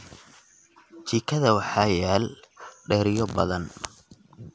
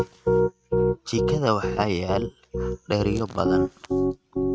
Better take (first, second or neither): first